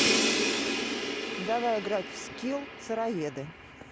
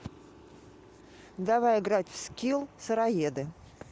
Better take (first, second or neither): second